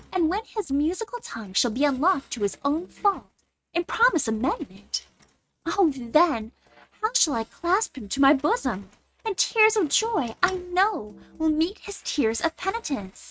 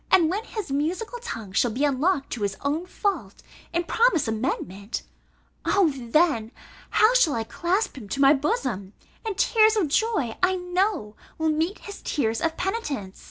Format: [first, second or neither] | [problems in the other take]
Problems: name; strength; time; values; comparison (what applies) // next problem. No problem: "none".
second | noise reduction (neural mask model RNNoise)